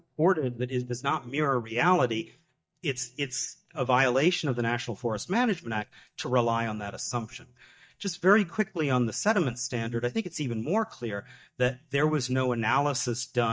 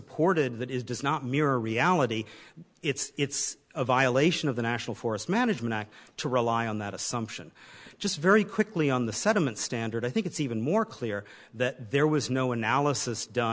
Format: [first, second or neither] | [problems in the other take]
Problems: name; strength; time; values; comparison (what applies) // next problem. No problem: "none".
second | noise reduction (neural mask model DeepFilterNet 3)